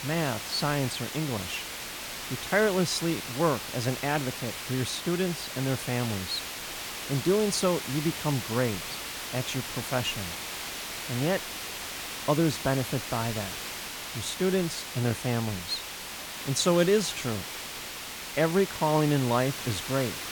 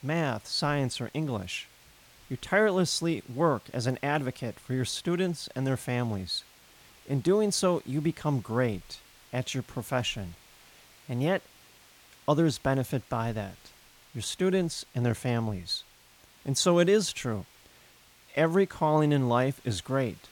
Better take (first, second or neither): second